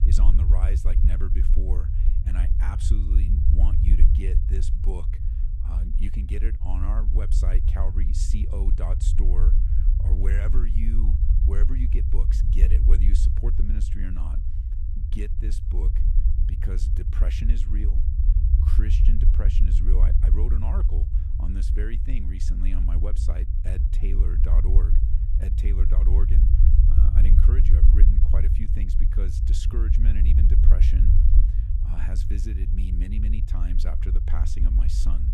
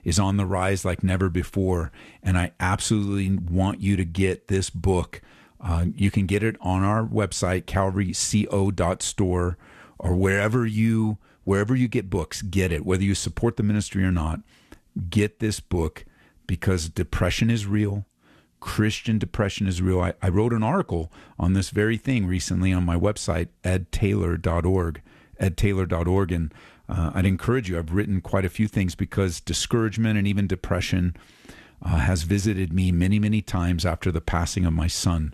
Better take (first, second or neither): second